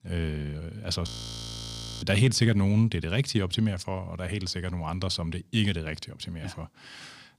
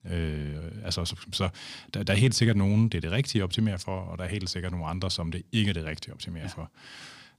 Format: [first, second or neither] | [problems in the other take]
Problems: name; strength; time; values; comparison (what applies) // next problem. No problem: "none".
second | audio freezing; at 1 s for 1 s